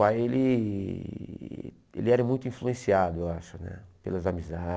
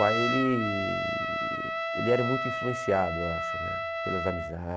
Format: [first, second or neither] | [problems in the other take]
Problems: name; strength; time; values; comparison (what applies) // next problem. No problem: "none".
first | background sound (Trumpet); 1 dB below the speech